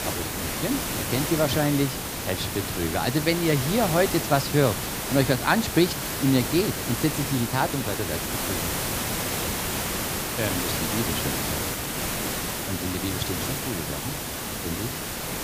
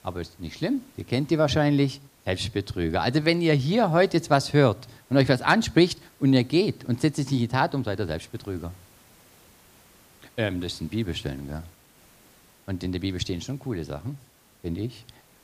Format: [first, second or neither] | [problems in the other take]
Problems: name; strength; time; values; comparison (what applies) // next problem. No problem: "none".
second | hiss; loud; throughout; 2 dB below the speech; faint in the second